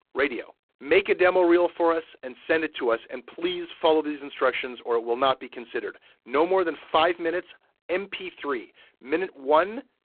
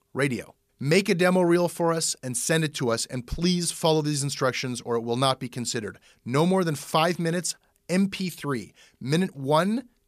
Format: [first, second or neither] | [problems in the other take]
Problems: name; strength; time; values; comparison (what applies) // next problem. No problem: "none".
second | phone-call audio; poor line